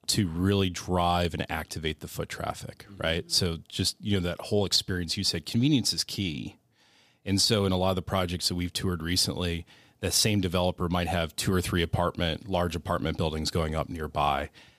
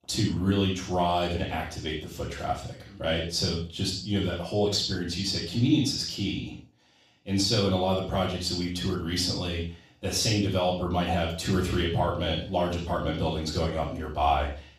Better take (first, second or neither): first